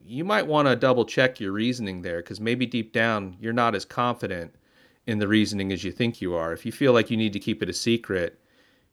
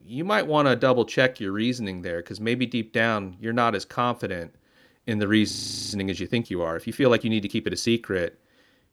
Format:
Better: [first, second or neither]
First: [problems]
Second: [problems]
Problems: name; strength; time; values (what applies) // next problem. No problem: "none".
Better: first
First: none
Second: audio freezing; at 5.5 s